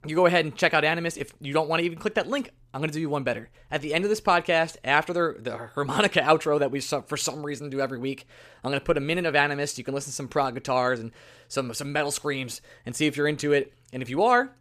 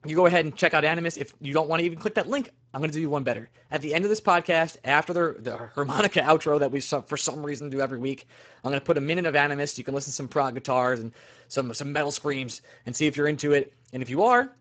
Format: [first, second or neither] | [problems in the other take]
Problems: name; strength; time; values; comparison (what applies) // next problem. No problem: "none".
first | garbled, watery; badly; nothing above 7.5 kHz